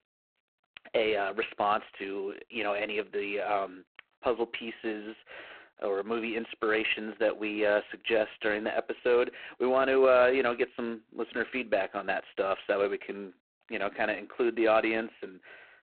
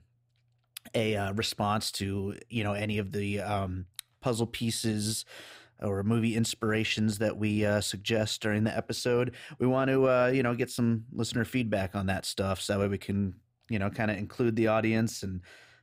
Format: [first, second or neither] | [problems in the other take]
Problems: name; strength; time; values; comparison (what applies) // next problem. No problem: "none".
second | phone-call audio; poor line